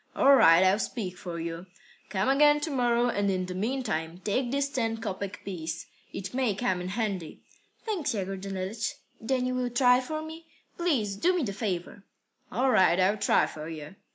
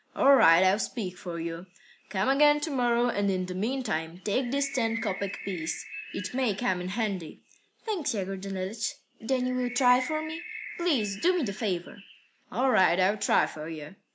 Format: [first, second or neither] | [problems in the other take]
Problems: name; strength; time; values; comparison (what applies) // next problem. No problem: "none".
first | background sound (Bird); 13 dB below the speech